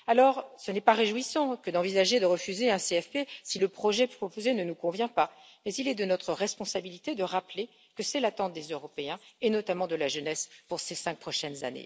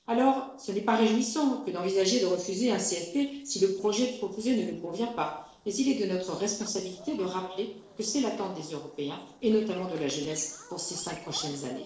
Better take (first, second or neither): first